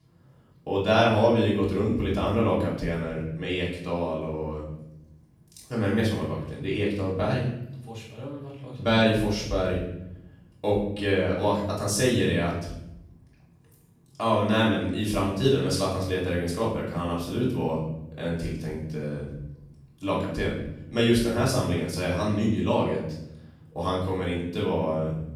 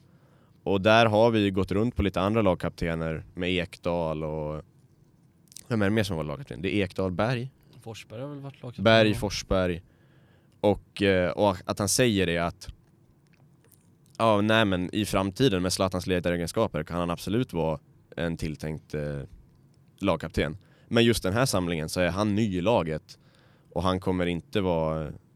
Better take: second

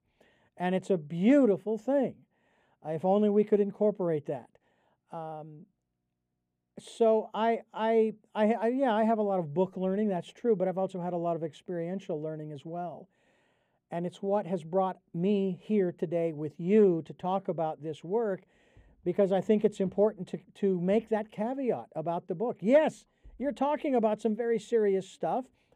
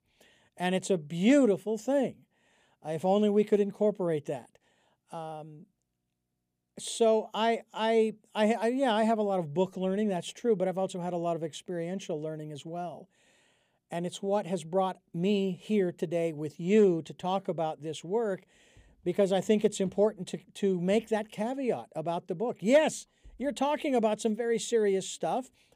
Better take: second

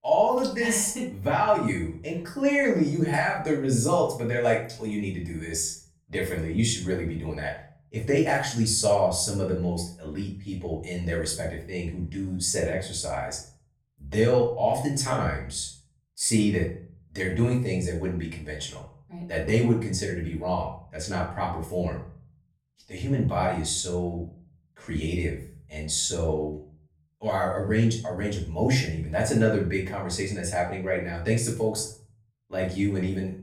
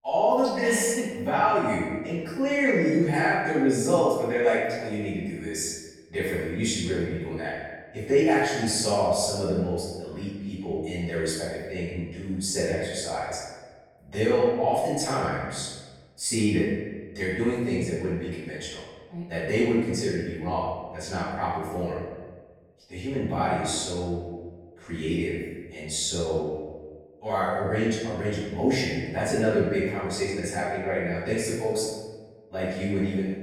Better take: first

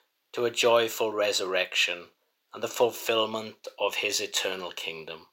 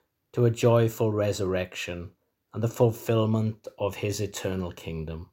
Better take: second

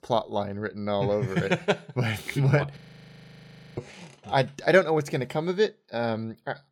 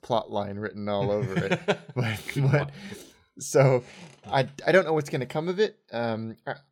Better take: second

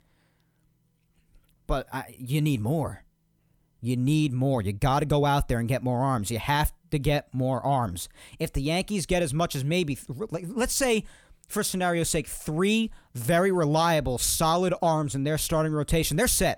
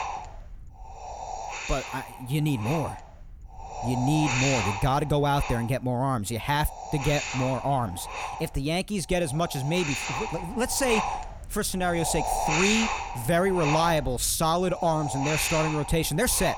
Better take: first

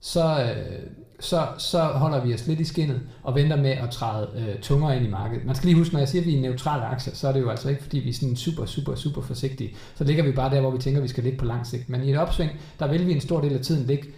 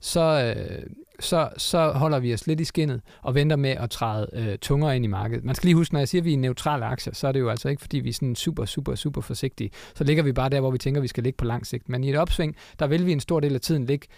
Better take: second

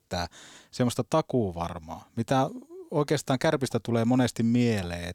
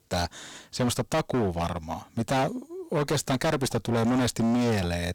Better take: first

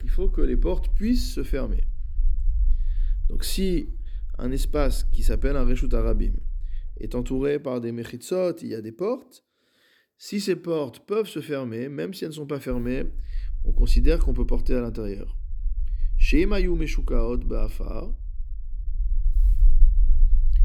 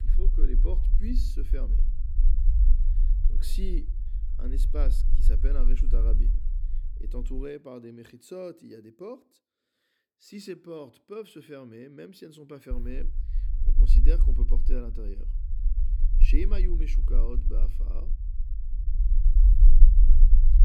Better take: first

